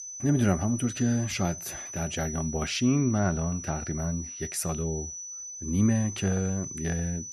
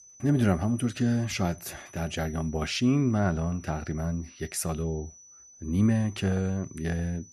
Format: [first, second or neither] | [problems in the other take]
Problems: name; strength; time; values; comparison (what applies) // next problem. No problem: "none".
second | high-pitched whine; loud; throughout; 6 kHz, 8 dB below the speech; faint in the second